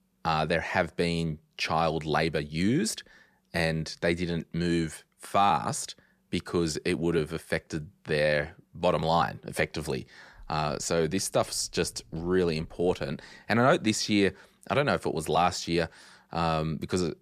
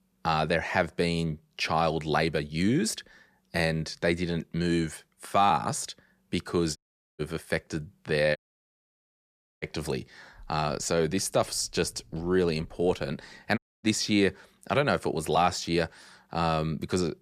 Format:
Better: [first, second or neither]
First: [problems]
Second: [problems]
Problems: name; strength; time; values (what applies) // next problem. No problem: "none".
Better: first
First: none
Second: audio cutting out; at 7 s, at 8.5 s for 1.5 s and at 14 s